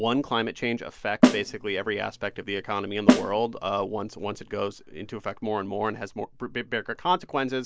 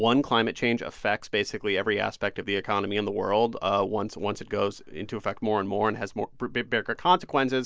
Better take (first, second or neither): second